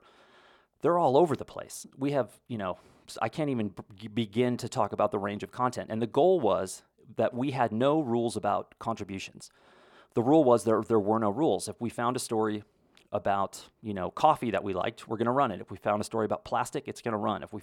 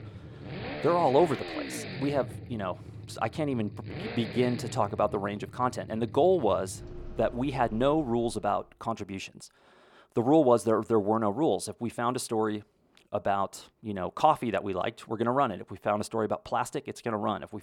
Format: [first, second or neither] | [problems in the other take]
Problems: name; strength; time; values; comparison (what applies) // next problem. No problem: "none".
first | traffic noise; noticeable; until 8 s; 10 dB below the speech